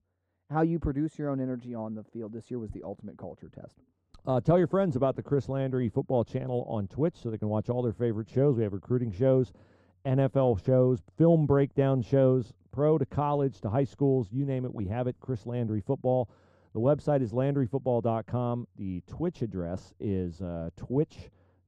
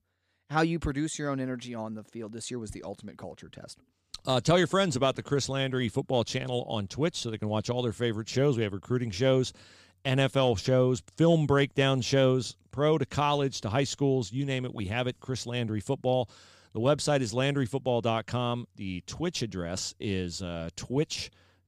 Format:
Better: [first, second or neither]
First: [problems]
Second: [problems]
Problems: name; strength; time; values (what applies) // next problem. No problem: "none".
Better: second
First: muffled; very; fading above 1.5 kHz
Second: none